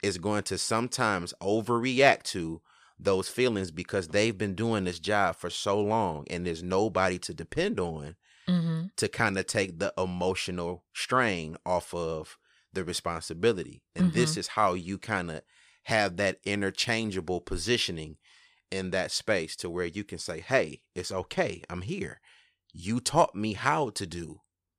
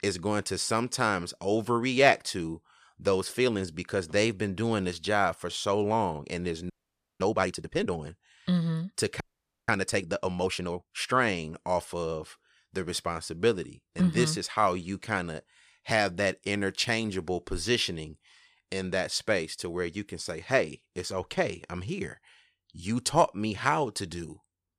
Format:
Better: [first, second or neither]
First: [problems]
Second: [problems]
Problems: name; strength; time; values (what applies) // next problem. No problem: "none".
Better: first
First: none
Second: audio freezing; at 6.5 s for 0.5 s and at 9 s